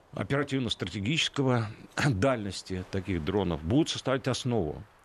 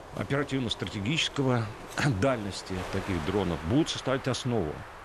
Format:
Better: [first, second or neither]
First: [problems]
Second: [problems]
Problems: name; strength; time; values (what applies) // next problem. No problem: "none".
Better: first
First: wind noise on the microphone; occasional gusts; 25 dB below the speech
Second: wind noise on the microphone; heavy; 10 dB below the speech